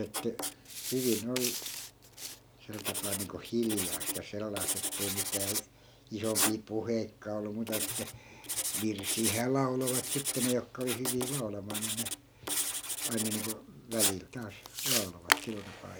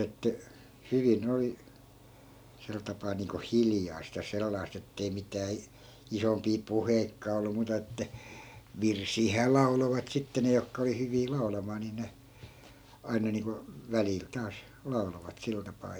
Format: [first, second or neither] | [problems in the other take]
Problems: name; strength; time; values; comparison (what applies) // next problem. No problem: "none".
second | background sound (Writing); as loud as the speech